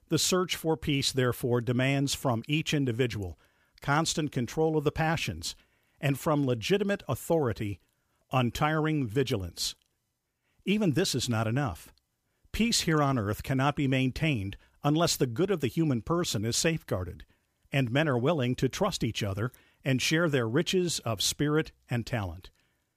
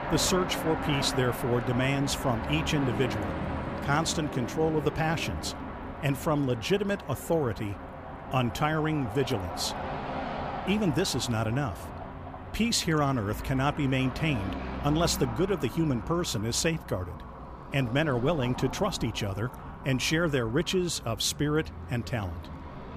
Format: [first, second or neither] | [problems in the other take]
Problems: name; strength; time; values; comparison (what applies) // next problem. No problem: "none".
first | traffic noise; loud; throughout; 8 dB below the speech